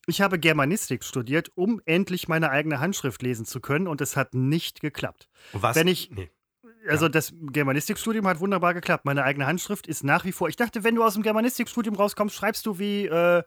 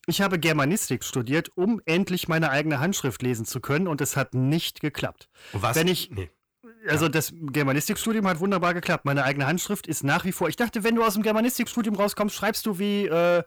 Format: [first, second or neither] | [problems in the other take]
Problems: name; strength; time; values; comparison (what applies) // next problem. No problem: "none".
first | distortion; slight; 10 dB below the speech